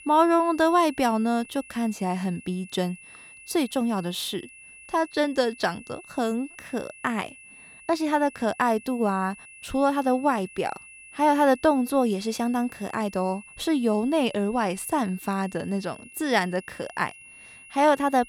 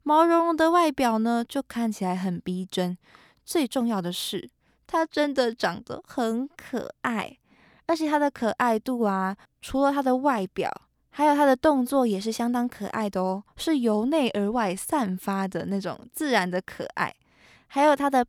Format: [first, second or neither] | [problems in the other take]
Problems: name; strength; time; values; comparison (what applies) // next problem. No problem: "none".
second | high-pitched whine; noticeable; throughout; 2.5 kHz, 20 dB below the speech